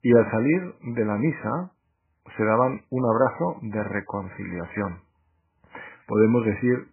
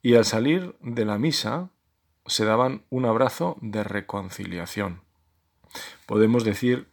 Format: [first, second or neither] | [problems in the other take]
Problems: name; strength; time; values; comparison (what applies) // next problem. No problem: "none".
second | garbled, watery; badly; nothing above 2.5 kHz